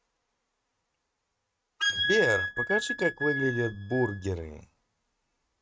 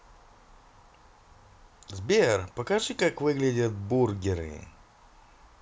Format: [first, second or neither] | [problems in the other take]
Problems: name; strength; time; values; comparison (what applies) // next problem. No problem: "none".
second | noise reduction (neural mask model RNNoise)